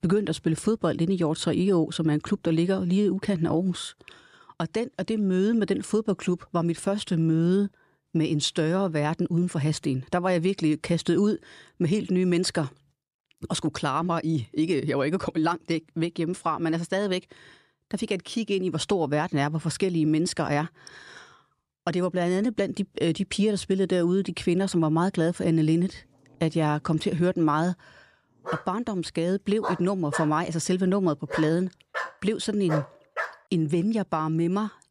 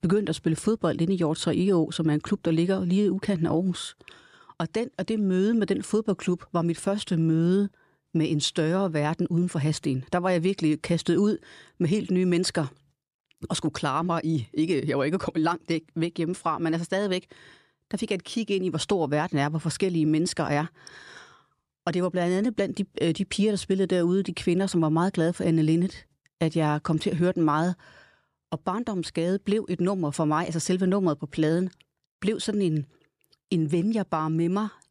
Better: second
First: dog barking; noticeable; from 28 to 33 s; peak 7 dB below the speech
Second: none

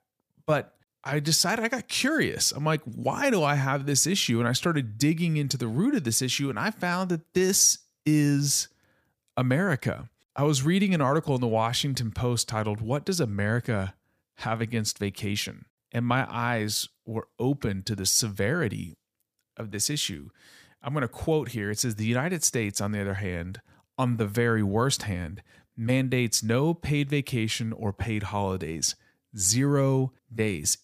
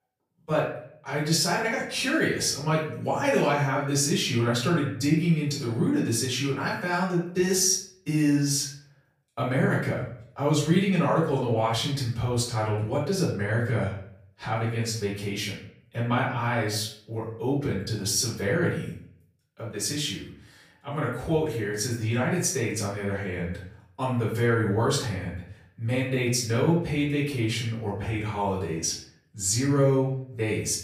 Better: first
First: none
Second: off-mic speech; far // room echo; noticeable; dies away in 0.5 s

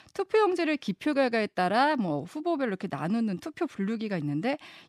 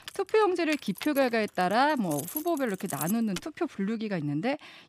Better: first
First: none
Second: jangling keys; noticeable; until 3.5 s; peak 7 dB below the speech

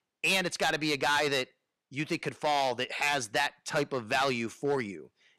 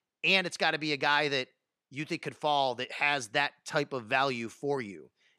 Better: second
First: distortion; heavy; 6% of the sound clipped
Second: none

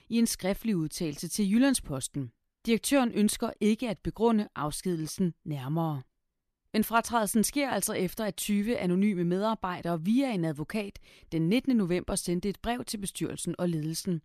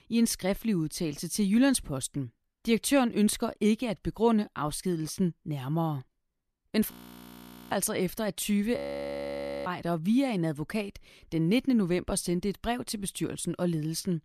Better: first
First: none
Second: audio freezing; at 7 s for 1 s and at 9 s for 1 s

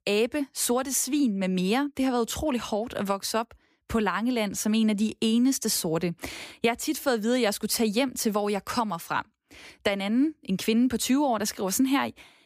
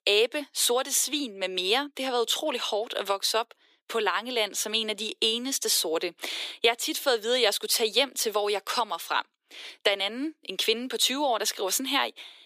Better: first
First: none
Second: thin; somewhat; fading below 400 Hz

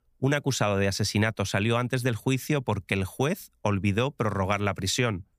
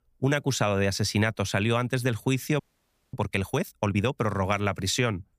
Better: first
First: none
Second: audio freezing; at 2.5 s for 0.5 s

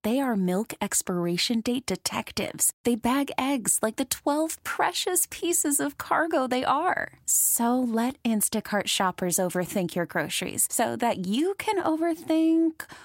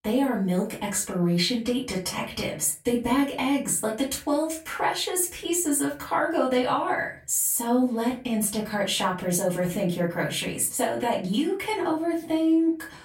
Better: first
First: none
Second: off-mic speech; far // room echo; slight; dies away in 0.3 s

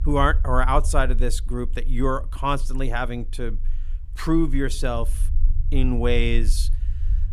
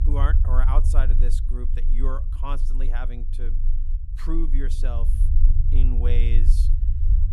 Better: first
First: low rumble; faint; throughout; 25 dB below the speech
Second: low rumble; loud; throughout; 8 dB below the speech

